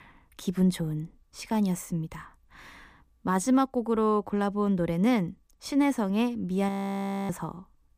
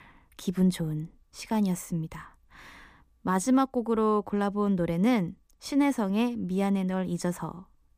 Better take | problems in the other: second | audio freezing; at 6.5 s for 0.5 s

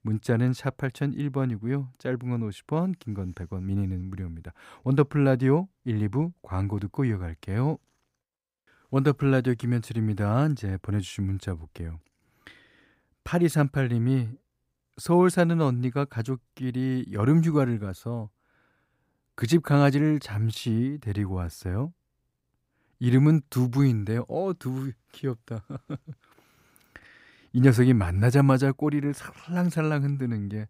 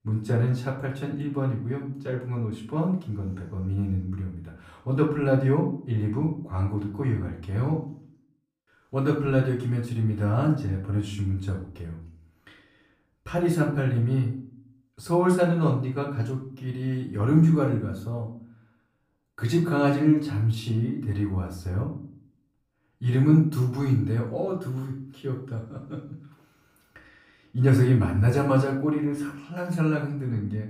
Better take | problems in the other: first | off-mic speech; far // room echo; slight; dies away in 0.4 s

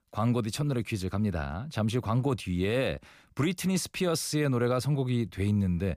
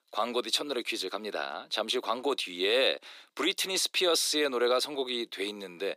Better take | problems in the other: first | thin; very; fading below 350 Hz

